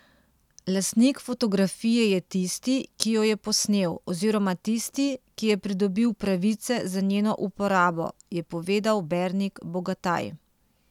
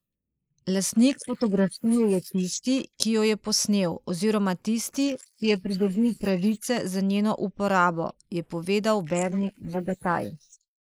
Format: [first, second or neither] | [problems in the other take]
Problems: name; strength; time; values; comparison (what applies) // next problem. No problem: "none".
first | noise reduction (neural mask model Resemble Enhance denoiser)